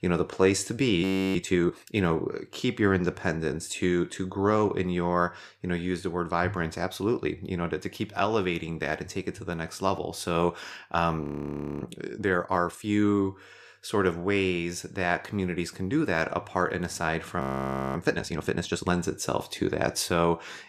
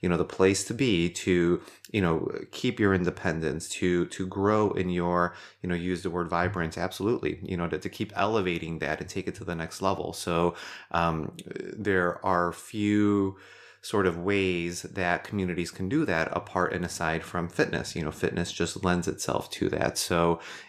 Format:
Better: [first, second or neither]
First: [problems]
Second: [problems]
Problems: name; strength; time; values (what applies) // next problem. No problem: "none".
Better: second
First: audio freezing; at 1 s, at 11 s for 0.5 s and at 17 s for 0.5 s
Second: none